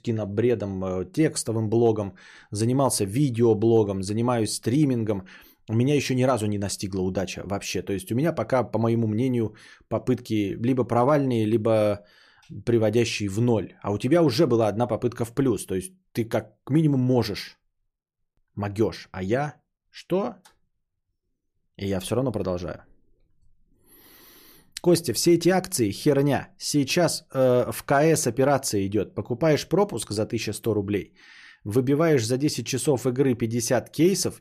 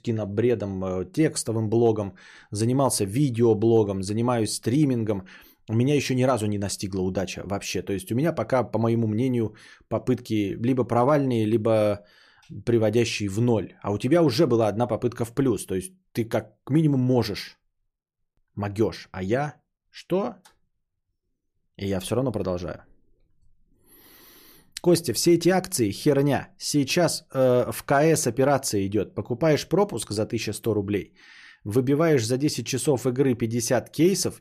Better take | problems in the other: neither | none

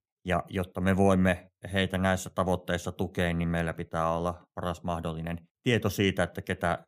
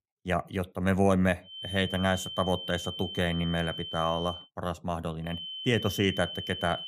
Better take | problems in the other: first | high-pitched whine; loud; from 1.5 to 4.5 s and from 5.5 s on; 3 kHz, 7 dB below the speech

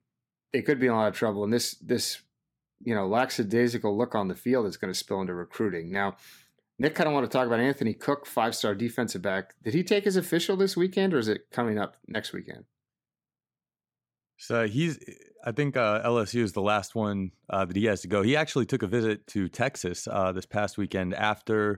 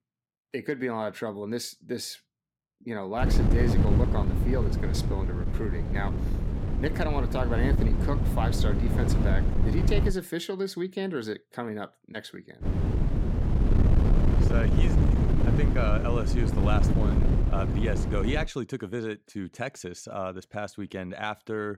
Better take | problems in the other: first | wind noise on the microphone; heavy; from 3 to 10 s and from 13 to 18 s; 2 dB below the speech

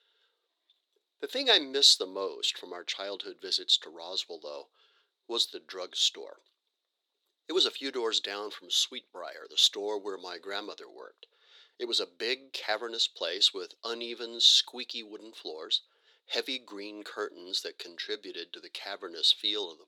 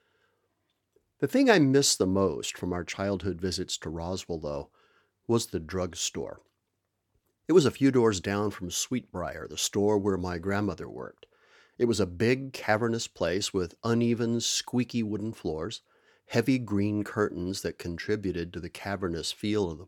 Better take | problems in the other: second | thin; very; fading below 400 Hz

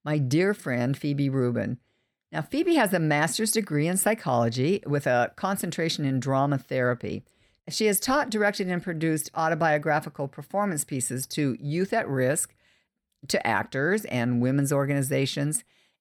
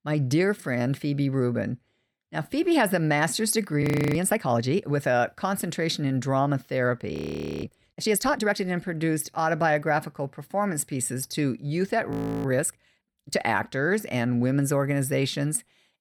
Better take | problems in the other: first | audio freezing; at 4 s, at 7 s and at 12 s

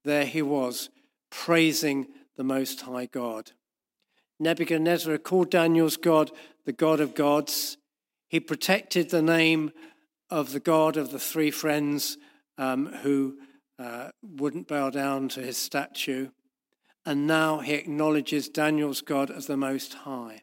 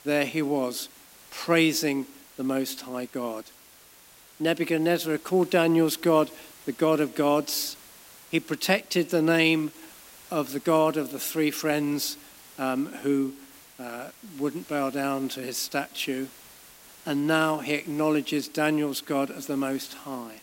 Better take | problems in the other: first | hiss; faint; throughout; 20 dB below the speech

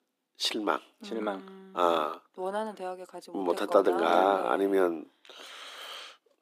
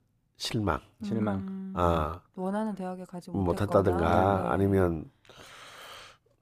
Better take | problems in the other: second | thin; somewhat; fading below 300 Hz

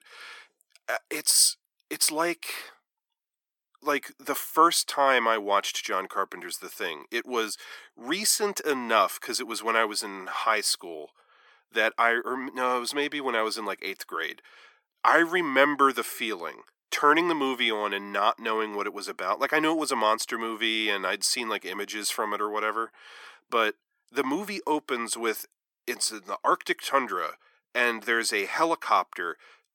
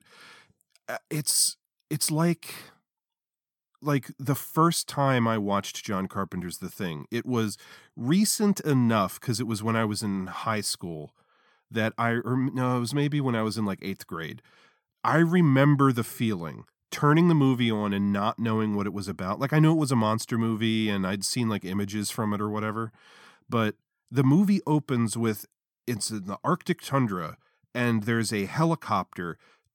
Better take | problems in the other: second | thin; very; fading below 350 Hz

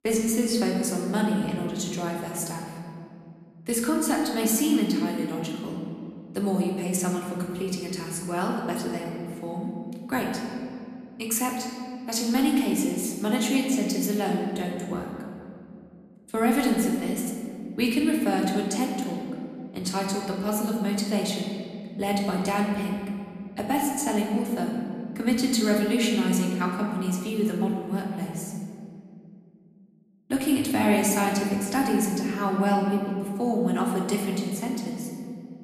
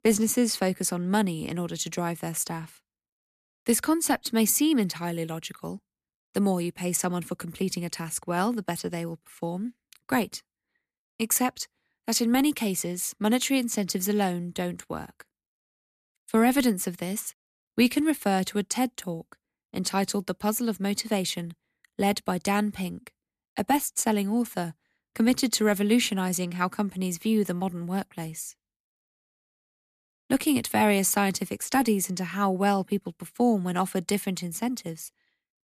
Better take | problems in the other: second | room echo; noticeable; dies away in 2.1 s // off-mic speech; somewhat distant

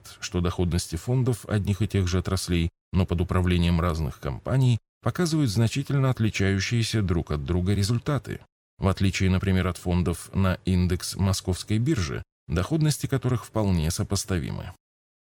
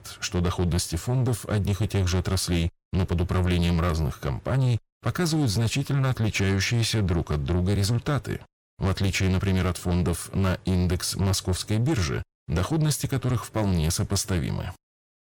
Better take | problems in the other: first | distortion; slight; 10 dB below the speech

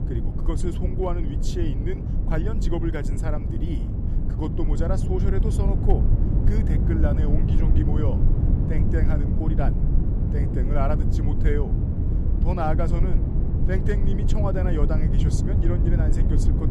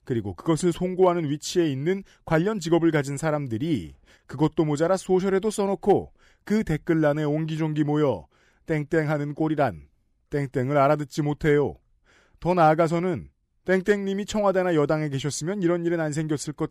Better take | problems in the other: second | low rumble; loud; throughout; 3 dB below the speech

